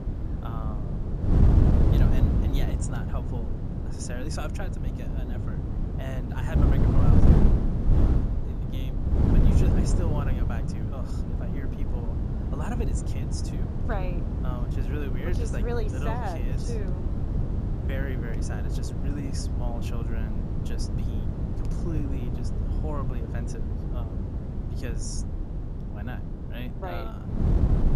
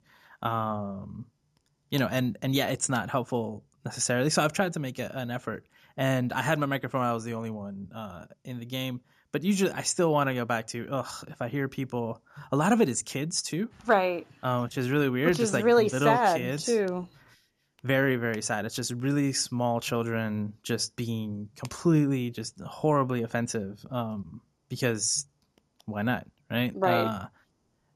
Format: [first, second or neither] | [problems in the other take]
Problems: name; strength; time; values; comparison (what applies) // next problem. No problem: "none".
second | wind noise on the microphone; heavy; 2 dB above the speech